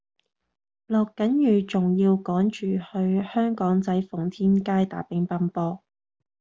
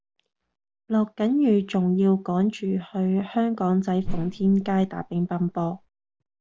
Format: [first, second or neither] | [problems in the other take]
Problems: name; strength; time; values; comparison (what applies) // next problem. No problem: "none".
first | background sound (Whoosh, swoosh, swish); 9 dB below the speech